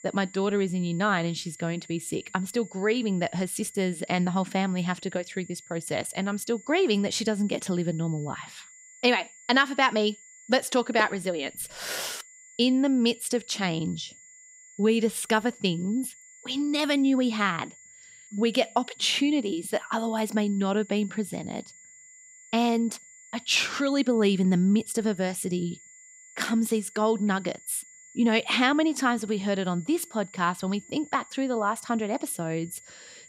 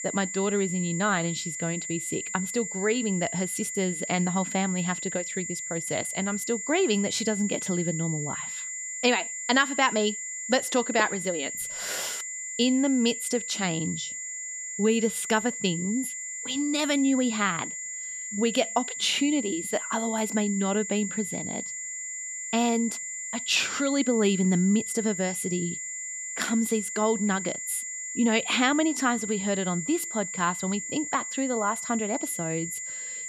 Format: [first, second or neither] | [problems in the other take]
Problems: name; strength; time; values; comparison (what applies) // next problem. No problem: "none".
first | high-pitched whine; loud; throughout; 7 kHz, 5 dB below the speech; faint in the first